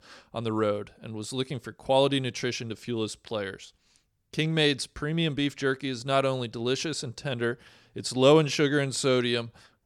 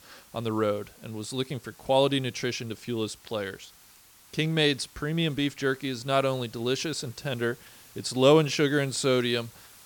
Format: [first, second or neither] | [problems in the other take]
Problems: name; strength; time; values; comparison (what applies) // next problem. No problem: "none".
first | hiss; faint; throughout; 25 dB below the speech